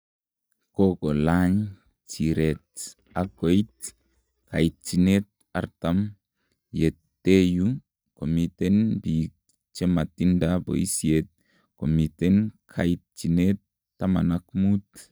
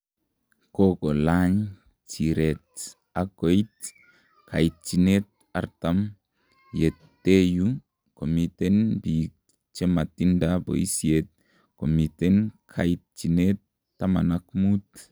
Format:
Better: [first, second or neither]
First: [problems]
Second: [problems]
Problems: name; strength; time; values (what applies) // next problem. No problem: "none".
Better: second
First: noise reduction (neural mask model DeepFilterNet 3)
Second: none